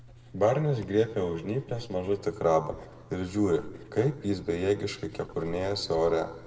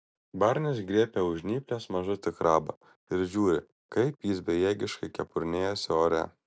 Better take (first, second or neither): second